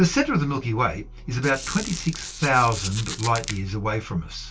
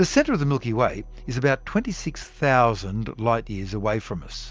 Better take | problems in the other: second | background sound (Squeak); 11 dB below the speech // room echo; dies away in 0.1 s

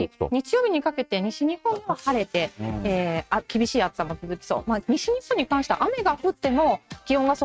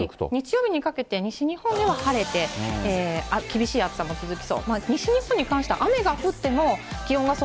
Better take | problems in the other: second | noise reduction (neural mask model RNNoise)

